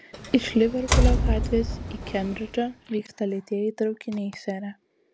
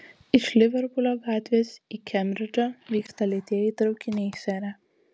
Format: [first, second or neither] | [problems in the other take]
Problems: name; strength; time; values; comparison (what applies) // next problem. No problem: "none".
second | background sound (Door); 2 dB above the speech